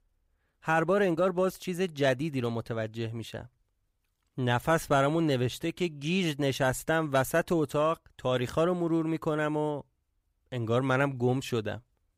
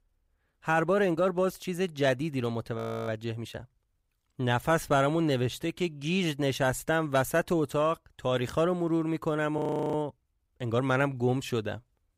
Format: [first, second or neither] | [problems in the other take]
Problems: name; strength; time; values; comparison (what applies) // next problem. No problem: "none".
first | audio freezing; at 3 s and at 9.5 s